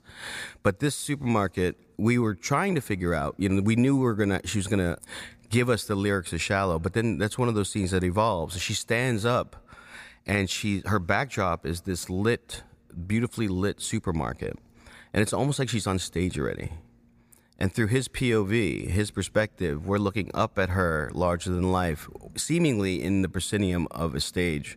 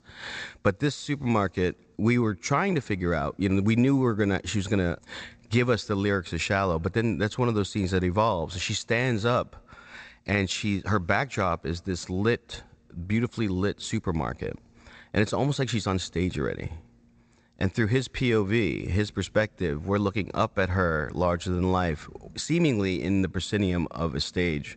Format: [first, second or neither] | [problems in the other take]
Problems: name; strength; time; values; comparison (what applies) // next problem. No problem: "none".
first | garbled, watery; slightly; nothing above 8 kHz